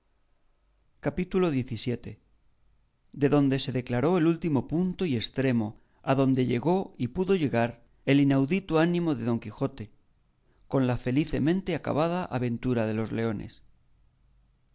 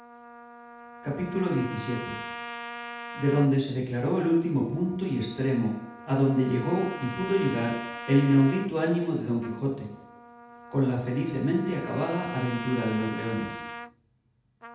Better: first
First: none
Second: background sound (Trumpet); 13 dB below the speech // room echo; dies away in 0.8 s

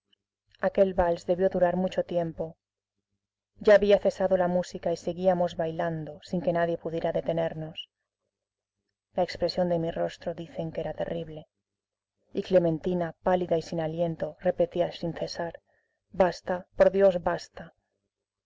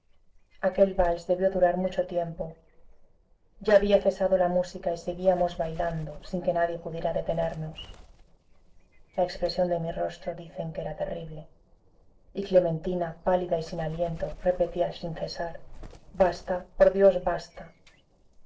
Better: first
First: none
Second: noise reduction (neural separator model SepFormer DNS4)

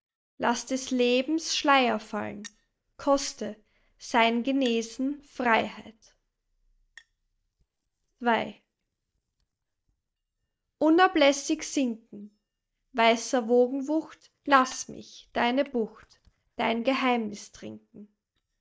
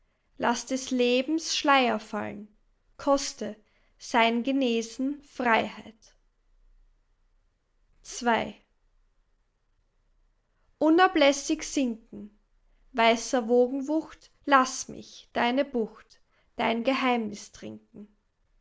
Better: second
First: noise reduction (neural mask model DeepFilterNet 3)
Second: none

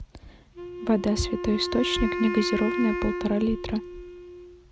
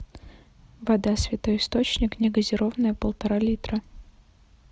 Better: second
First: background sound (Wind instrument, woodwind instrument); 5 dB below the speech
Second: none

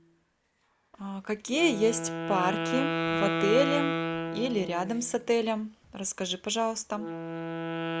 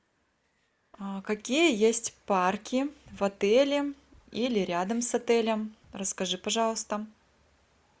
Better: second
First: background sound (Wind instrument, woodwind instrument); 3 dB below the speech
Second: none

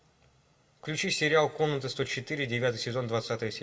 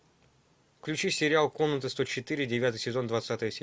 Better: second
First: room echo; dies away in 2.6 s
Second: none

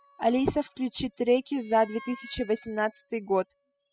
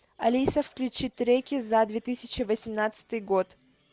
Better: second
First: noise reduction (classical method spectral subtraction)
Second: none

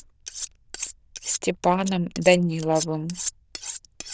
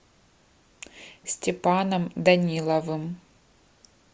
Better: second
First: noise reduction (neural diffusion model UNIVERSE++)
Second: none

